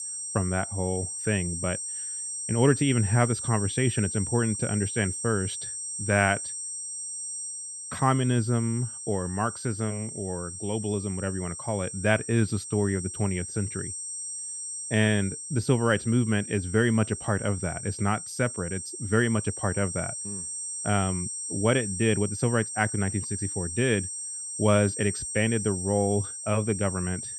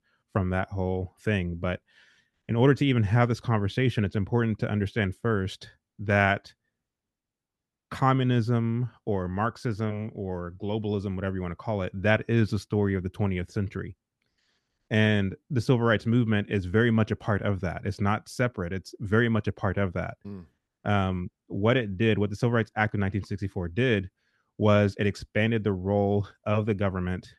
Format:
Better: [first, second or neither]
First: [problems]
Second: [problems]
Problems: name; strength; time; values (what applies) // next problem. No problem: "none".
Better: second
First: high-pitched whine; loud; throughout; 8.5 kHz, 6 dB below the speech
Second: none